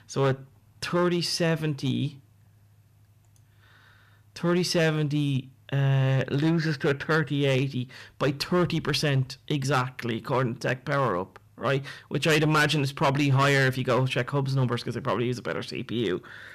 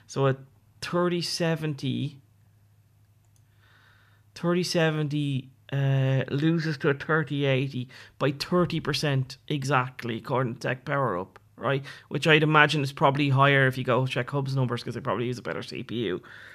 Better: second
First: distortion; slight; 6% of the sound clipped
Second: none

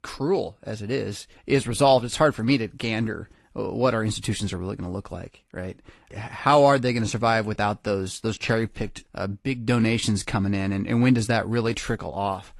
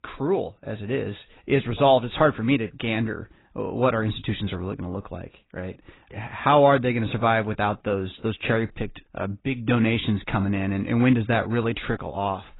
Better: first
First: garbled, watery; slightly; nothing above 11 kHz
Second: garbled, watery; badly; nothing above 4 kHz

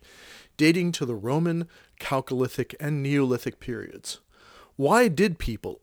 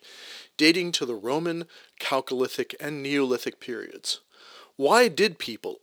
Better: first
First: none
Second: thin; very slightly; fading below 350 Hz

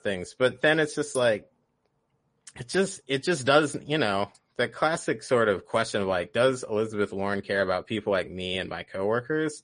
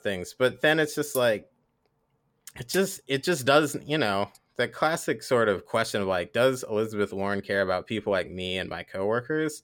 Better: second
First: garbled, watery; slightly; nothing above 10 kHz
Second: none

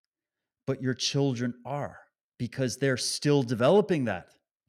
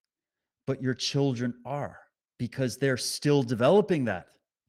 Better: first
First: none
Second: garbled, watery; slightly; nothing above 15.5 kHz

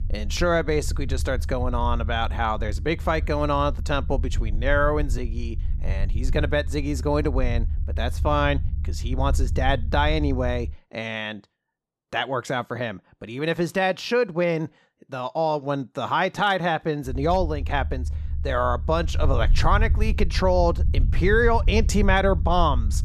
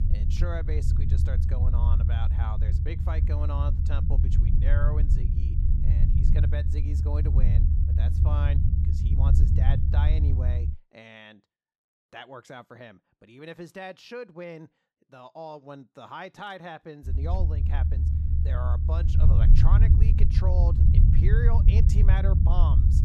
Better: first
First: low rumble; faint; until 11 s and from 17 s on; 20 dB below the speech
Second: low rumble; loud; until 11 s and from 17 s on; 1 dB below the speech

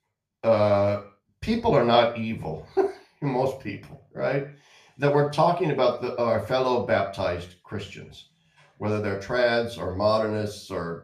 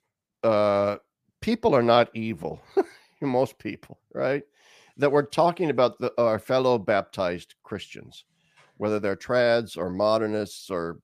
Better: second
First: room echo; slight; dies away in 0.3 s // off-mic speech; far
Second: none

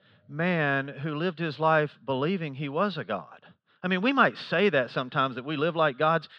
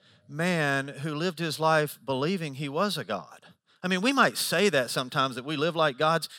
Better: second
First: muffled; slightly; fading above 3 kHz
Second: none

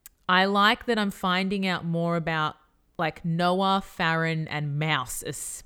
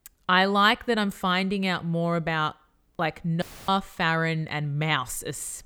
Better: first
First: none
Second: audio cutting out; filled with static; at 3.5 s

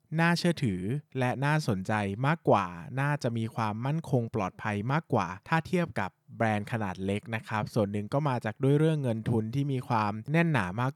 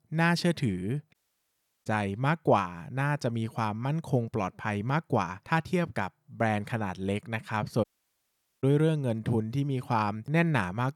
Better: first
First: none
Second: audio cutting out; at 1 s for 0.5 s and at 8 s for 1 s

